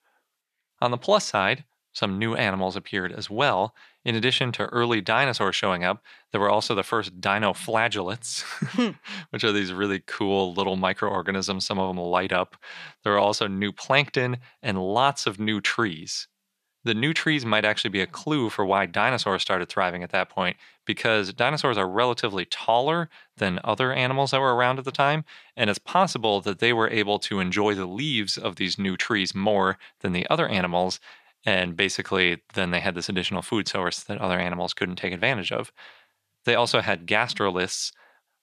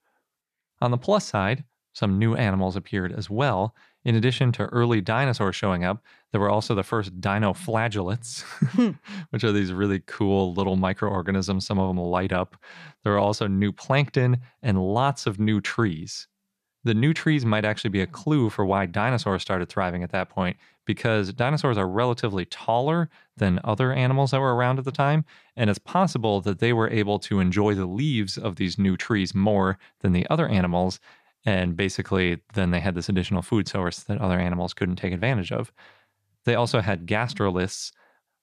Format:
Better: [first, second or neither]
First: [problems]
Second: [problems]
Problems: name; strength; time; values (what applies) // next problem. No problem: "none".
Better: second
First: thin; somewhat; fading below 1 kHz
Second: none